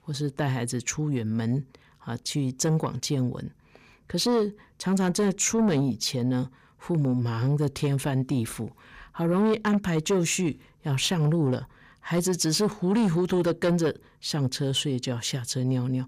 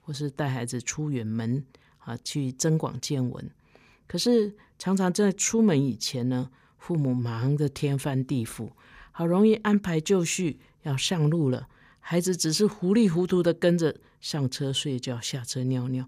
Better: second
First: distortion; slight; 10 dB below the speech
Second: none

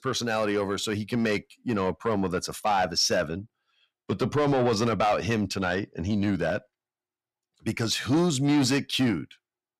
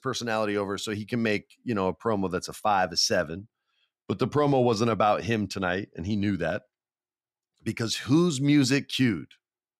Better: second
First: distortion; slight; 10 dB below the speech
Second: none

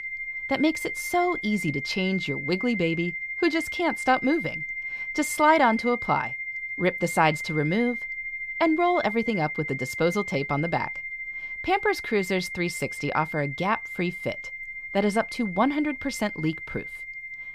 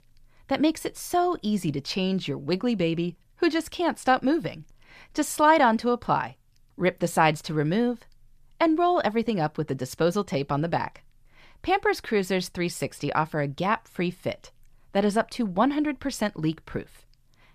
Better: second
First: high-pitched whine; loud; throughout; 2 kHz, 6 dB below the speech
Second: none

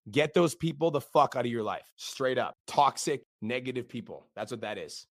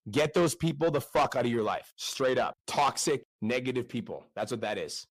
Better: first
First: none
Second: distortion; heavy; 8 dB below the speech

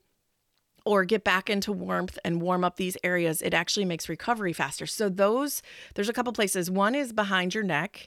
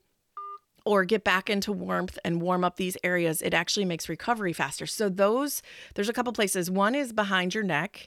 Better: first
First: none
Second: phone ringing; faint; at 0.5 s; peak 15 dB below the speech

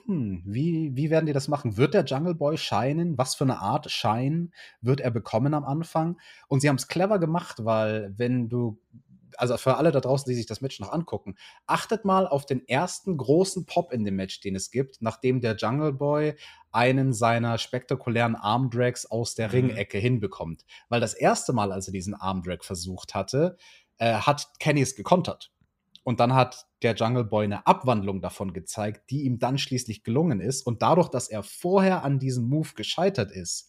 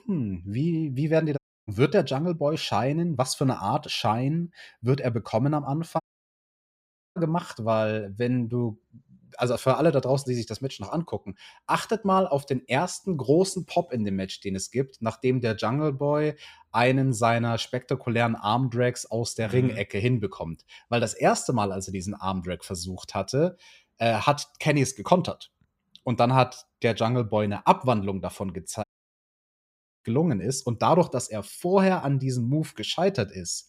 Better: first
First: none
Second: audio cutting out; at 1.5 s, at 6 s for 1 s and at 29 s for 1 s

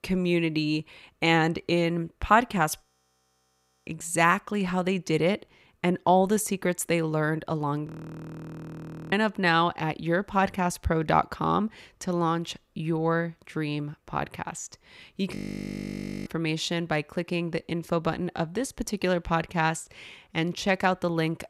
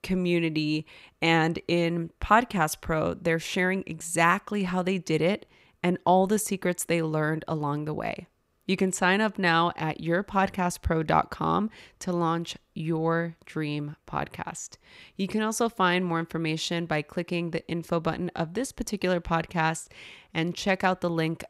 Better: second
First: audio freezing; at 3 s for 1 s, at 8 s for 1 s and at 15 s for 1 s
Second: none

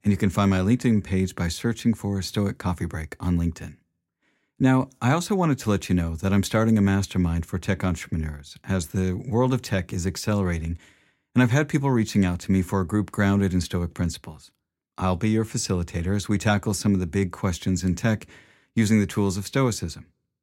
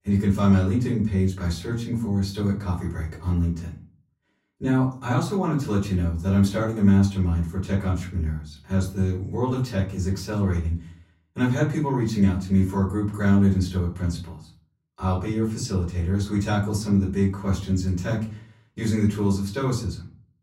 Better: first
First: none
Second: off-mic speech; far // room echo; slight; dies away in 0.4 s

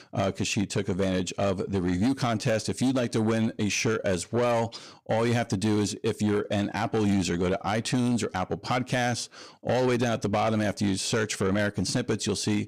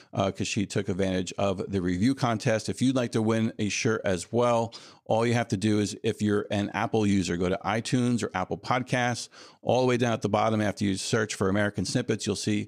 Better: second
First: distortion; slight; 10 dB below the speech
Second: none

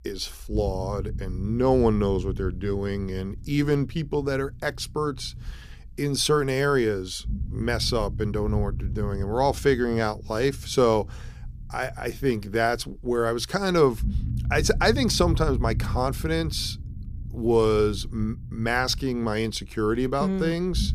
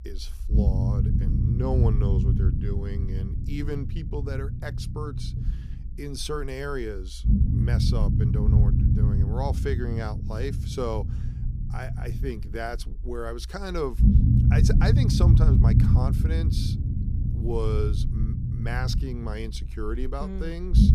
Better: first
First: low rumble; faint; throughout; 20 dB below the speech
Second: low rumble; loud; throughout; 2 dB below the speech

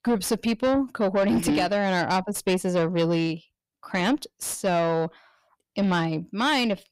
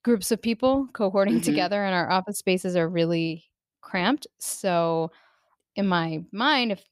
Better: second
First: distortion; slight; 10 dB below the speech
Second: none

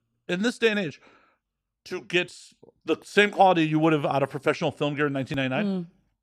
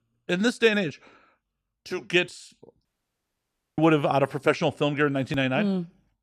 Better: first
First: none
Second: audio cutting out; at 3 s for 1 s

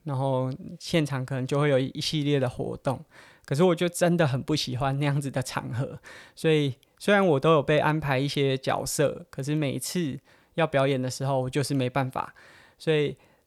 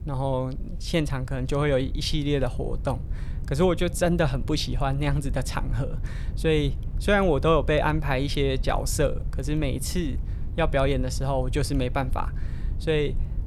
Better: first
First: none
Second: low rumble; faint; throughout; 20 dB below the speech

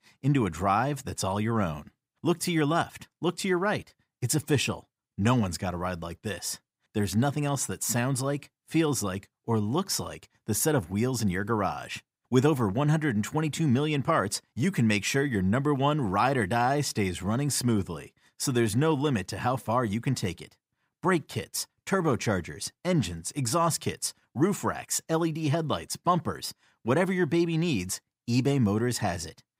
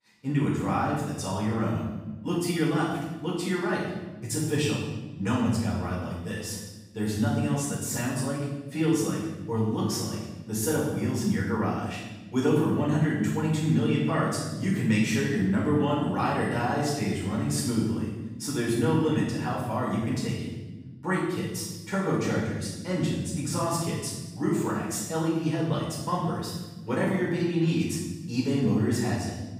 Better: first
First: none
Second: off-mic speech; far // room echo; strong; dies away in 1.1 s

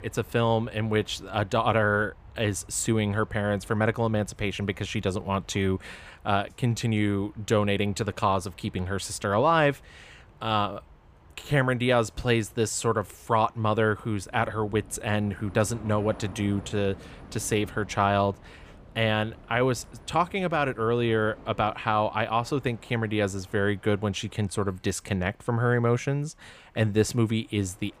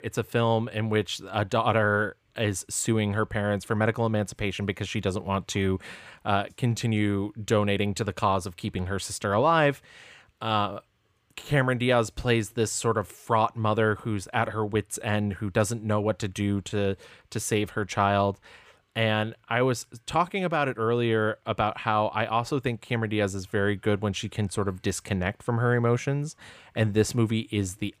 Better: second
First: train or aircraft noise; faint; throughout; 25 dB below the speech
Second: none

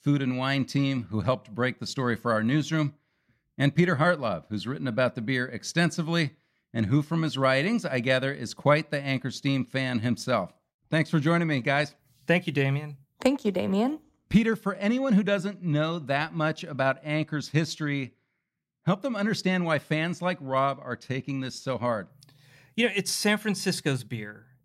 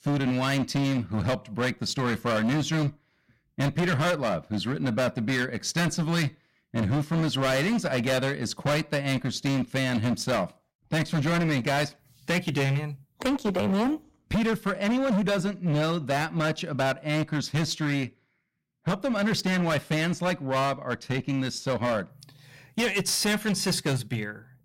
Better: first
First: none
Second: distortion; heavy; 20% of the sound clipped

